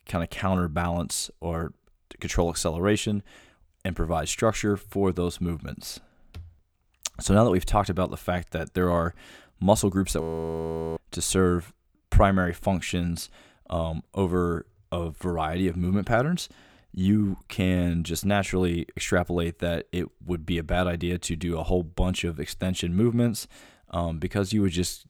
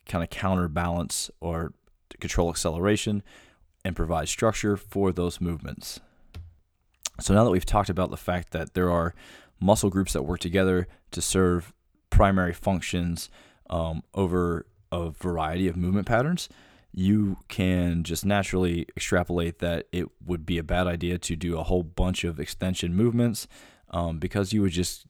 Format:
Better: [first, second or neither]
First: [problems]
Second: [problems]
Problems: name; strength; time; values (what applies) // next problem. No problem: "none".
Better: second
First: audio freezing; at 10 s for 1 s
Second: none